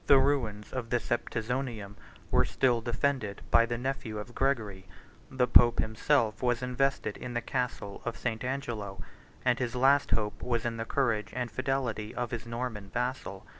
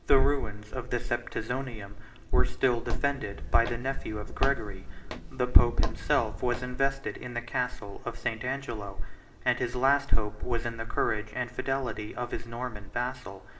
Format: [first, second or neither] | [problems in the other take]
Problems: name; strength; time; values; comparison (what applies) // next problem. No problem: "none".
first | background sound (Walk, footsteps); 13 dB below the speech // room echo; dies away in 2.6 s